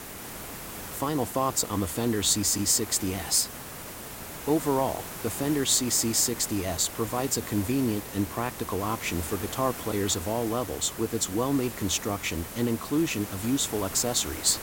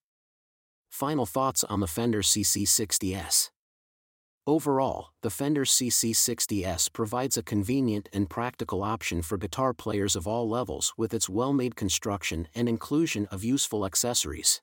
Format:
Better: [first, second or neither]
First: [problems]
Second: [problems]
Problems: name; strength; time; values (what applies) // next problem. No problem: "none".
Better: second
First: hiss; noticeable; throughout; 10 dB below the speech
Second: none